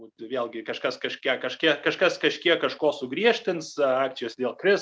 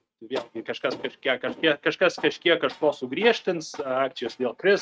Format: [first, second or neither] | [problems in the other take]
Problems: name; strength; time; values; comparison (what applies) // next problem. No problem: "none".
first | noise reduction (neural mask model RNNoise)